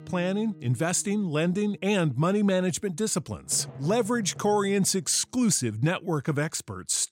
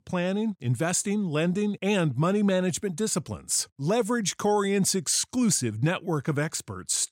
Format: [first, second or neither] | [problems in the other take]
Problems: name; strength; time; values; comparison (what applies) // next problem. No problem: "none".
second | background music; faint; throughout; 20 dB below the speech